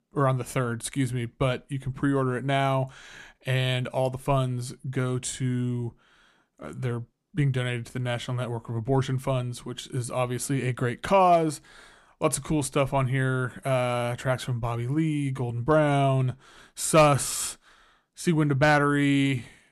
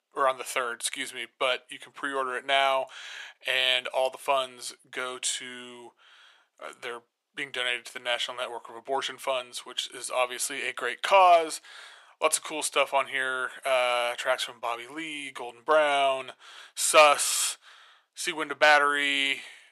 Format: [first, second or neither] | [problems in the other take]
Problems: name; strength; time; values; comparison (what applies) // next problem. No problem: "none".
first | thin; very; fading below 550 Hz